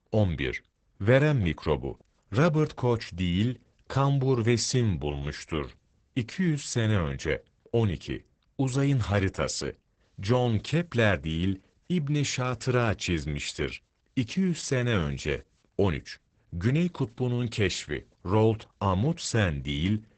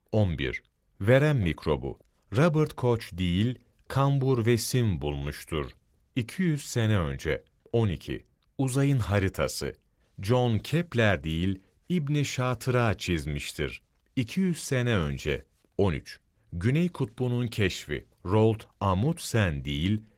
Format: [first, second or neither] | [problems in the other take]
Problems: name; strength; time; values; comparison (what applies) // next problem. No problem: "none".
second | garbled, watery; badly; nothing above 8 kHz; slightly in the second